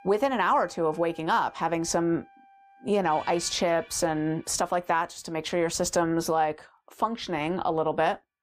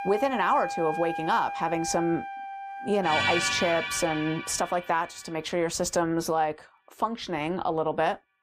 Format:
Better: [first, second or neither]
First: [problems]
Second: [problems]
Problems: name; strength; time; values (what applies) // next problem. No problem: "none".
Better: first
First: background music; faint; throughout; 25 dB below the speech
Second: background music; loud; throughout; 4 dB below the speech